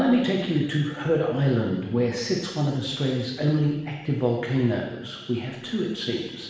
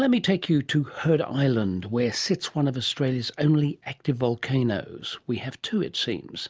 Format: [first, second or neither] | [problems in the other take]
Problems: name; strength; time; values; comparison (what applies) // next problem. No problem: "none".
second | room echo; dies away in 1.1 s